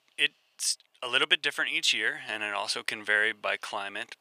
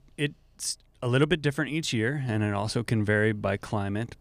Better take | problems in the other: second | thin; very; fading below 800 Hz

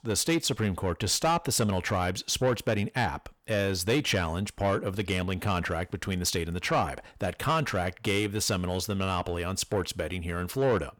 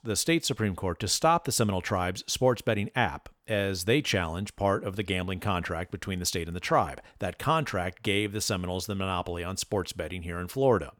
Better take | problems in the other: second | distortion; slight; 10 dB below the speech

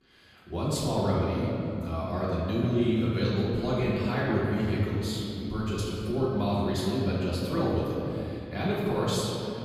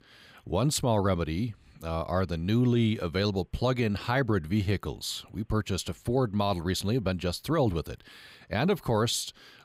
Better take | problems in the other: second | room echo; strong; dies away in 2.7 s // off-mic speech; far

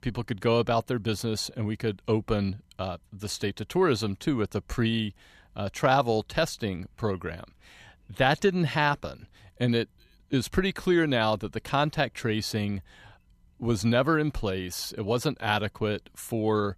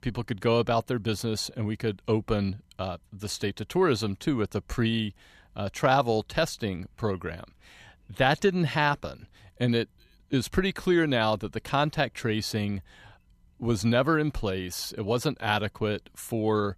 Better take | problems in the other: neither | none

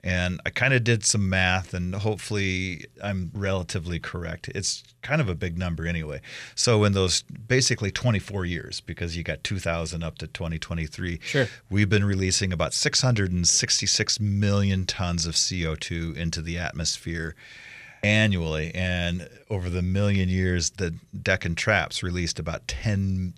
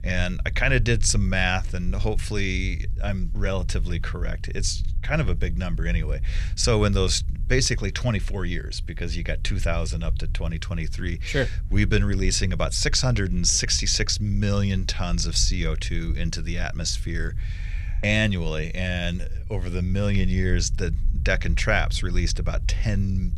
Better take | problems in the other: first | low rumble; faint; throughout; 25 dB below the speech

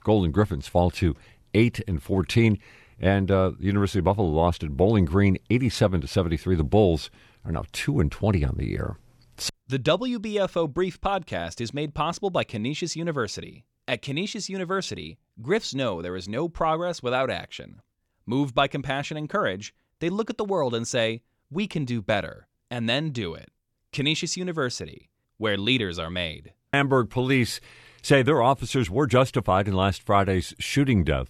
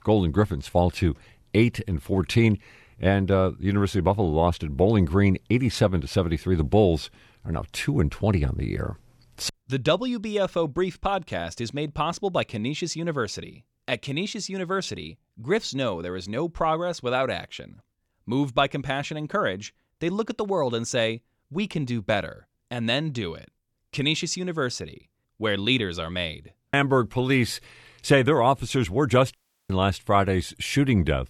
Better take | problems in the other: first | audio cutting out; at 29 s

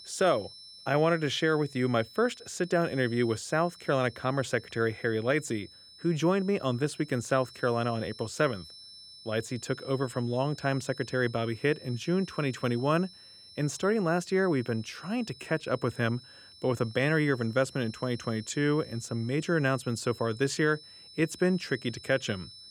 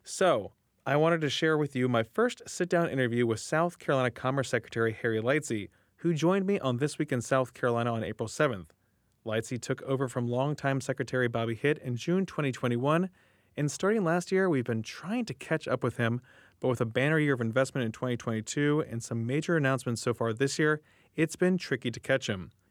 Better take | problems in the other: second | high-pitched whine; noticeable; throughout; 5.5 kHz, 20 dB below the speech

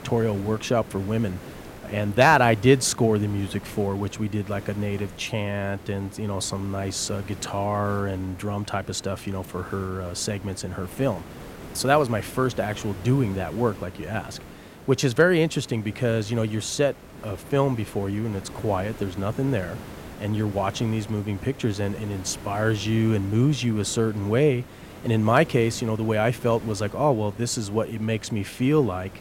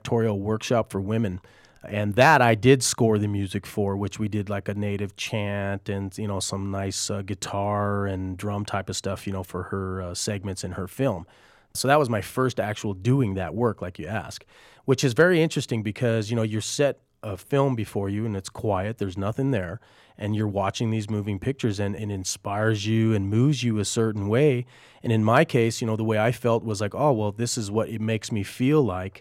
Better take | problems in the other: second | hiss; noticeable; throughout; 15 dB below the speech

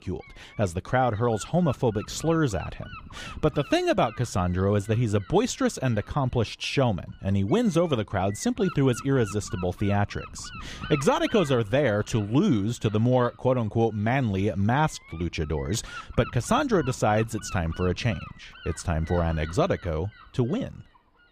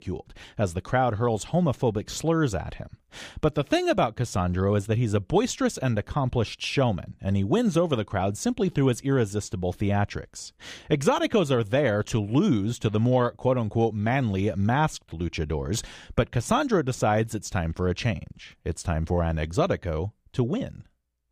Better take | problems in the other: second | wind noise on the microphone; occasional gusts; 15 dB below the speech

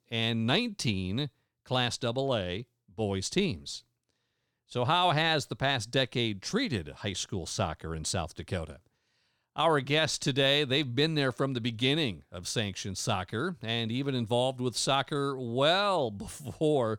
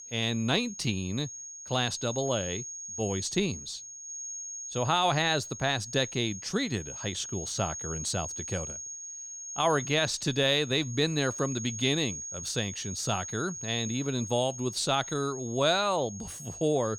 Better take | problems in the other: first | high-pitched whine; loud; throughout; 6.5 kHz, 8 dB below the speech

